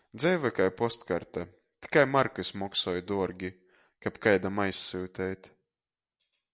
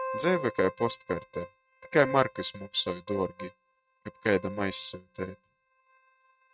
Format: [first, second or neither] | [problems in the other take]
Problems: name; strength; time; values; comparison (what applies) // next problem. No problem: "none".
first | noise reduction (neural mask model RNNoise)